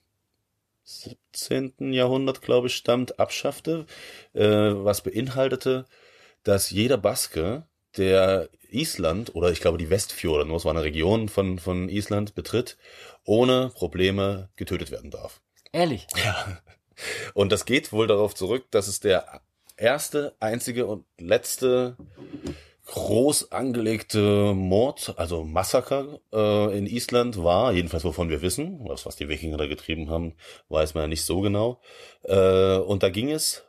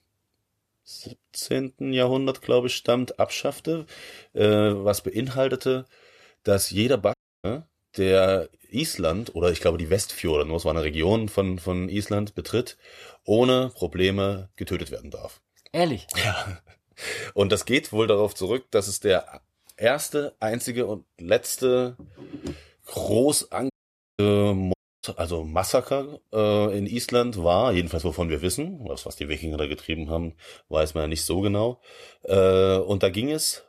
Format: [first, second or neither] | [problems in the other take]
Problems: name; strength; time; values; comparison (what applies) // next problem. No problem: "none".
first | audio cutting out; at 7 s, at 24 s and at 25 s